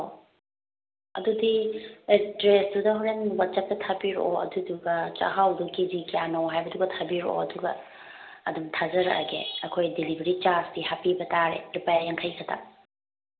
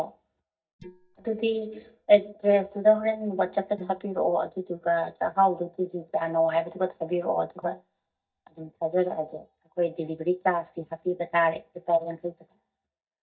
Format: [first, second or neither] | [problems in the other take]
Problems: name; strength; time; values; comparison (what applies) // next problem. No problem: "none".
first | noise reduction (neural mask model DeepFilterNet 3)